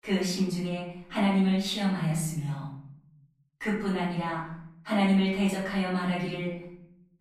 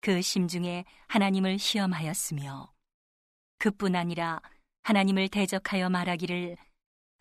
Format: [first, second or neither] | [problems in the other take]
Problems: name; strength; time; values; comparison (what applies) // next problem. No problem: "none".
second | room echo; noticeable; dies away in 0.8 s // off-mic speech; far